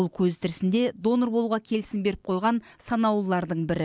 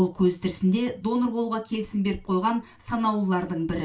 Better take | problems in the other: first | room echo; dies away in 0.2 s

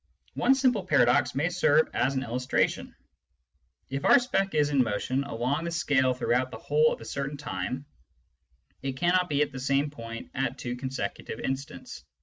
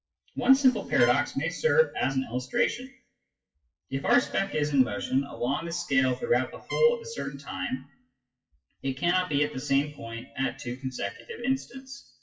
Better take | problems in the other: first | noise reduction (classical method WPE with log-MMSE)

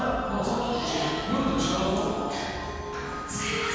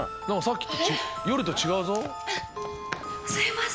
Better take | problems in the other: second | background sound (Bus); 18 dB below the speech // room echo; dies away in 2.1 s

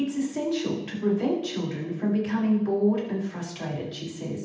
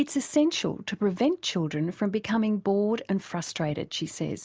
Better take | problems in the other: second | room echo; dies away in 0.8 s

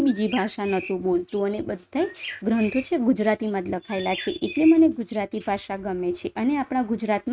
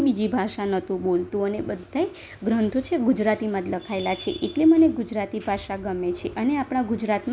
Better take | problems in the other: second | noise reduction (neural mask model RNNoise)

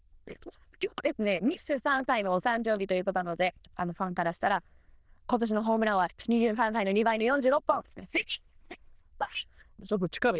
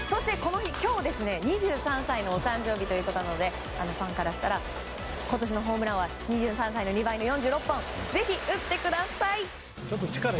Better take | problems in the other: second | noise reduction (neural diffusion model UNIVERSE++)

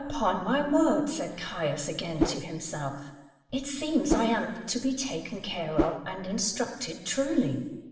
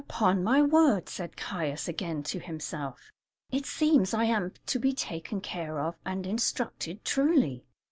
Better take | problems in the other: second | background sound (Whoosh, swoosh, swish); 1 dB above the speech // room echo; dies away in 1.2 s

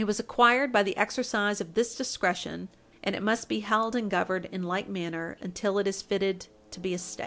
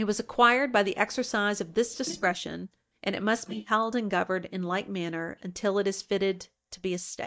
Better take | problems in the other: first | noise reduction (neural mask model DeepFilterNet 3)

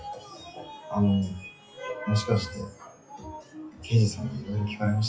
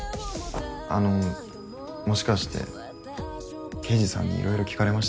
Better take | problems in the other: second | noise reduction (classical method WPE with log-MMSE)

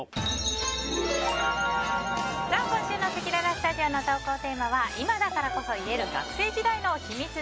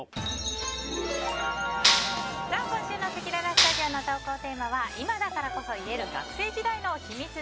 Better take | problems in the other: first | background sound (Clapping); 3 dB above the speech

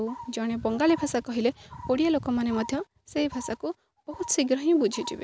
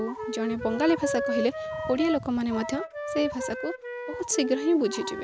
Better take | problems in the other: first | background sound (Wind instrument, woodwind instrument); 6 dB below the speech

